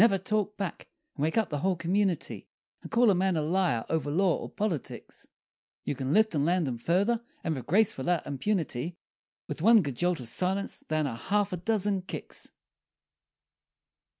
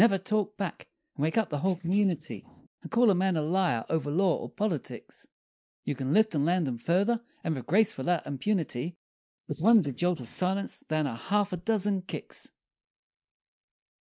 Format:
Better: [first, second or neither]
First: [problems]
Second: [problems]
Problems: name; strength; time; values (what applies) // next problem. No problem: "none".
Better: first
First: none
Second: noise reduction (neural mask model Resemble Enhance denoiser)